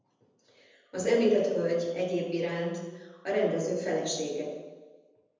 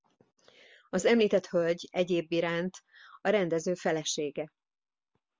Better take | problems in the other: second | room echo; dies away in 1.1 s

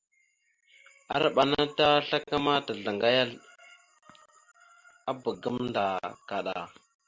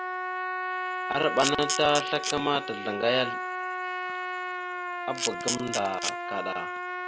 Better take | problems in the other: first | background sound (Camera + Trumpet); 2 dB below the speech

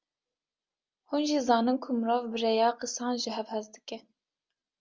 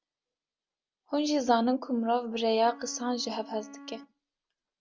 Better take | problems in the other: first | background sound (Wind instrument, woodwind instrument); 19 dB below the speech

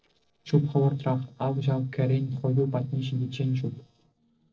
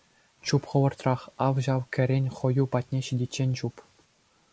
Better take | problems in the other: second | noise reduction (neural separator model SepFormer DNS4)

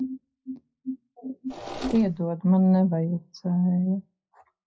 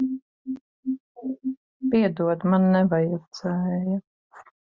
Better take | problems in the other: second | noise reduction (classical method WPE with log-MMSE)

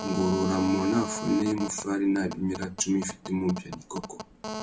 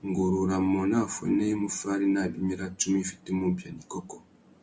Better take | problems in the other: second | background sound (Telephone); 10 dB below the speech

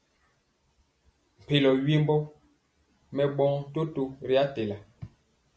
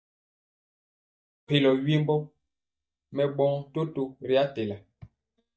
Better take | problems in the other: first | noise reduction (neural mask model DeepFilterNet 3)

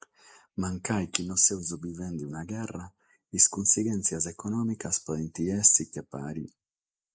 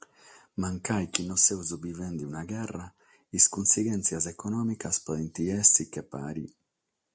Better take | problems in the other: second | noise reduction (neural mask model Resemble Enhance denoiser)

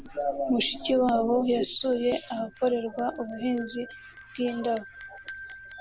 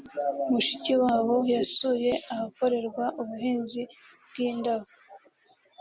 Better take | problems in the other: second | background sound (Bell); 19 dB below the speech

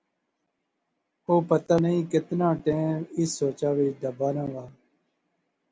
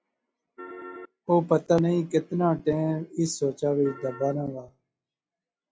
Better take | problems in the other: first | noise reduction (classical method log-MMSE)

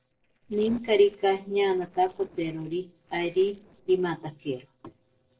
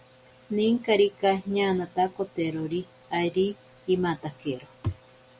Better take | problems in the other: second | noise reduction (neural separator model SepFormer DNS4)

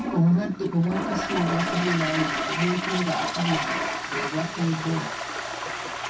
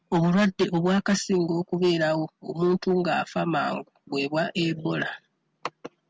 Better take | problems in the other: second | background sound (Toilet flush); 3 dB below the speech // room echo; dies away in 0.3 s

